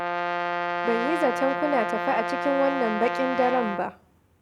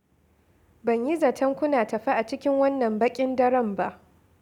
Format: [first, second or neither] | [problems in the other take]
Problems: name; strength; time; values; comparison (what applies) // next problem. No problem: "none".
second | background sound (Brass instrument); 2 dB below the speech